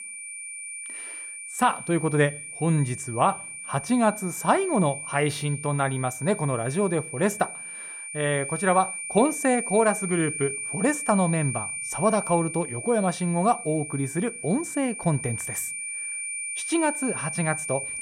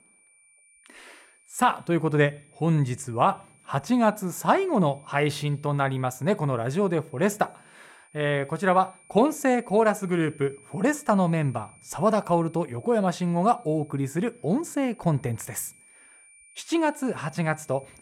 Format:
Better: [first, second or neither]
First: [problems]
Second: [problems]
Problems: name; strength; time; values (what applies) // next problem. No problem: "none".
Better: second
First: high-pitched whine; loud; throughout; 2.5 kHz, 7 dB below the speech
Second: high-pitched whine; faint; throughout; 2.5 kHz, 30 dB below the speech